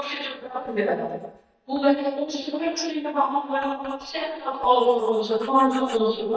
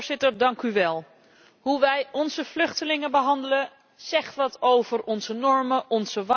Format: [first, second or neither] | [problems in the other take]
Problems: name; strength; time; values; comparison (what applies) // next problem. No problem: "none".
second | noise reduction (neural mask model DeepFilterNet 3)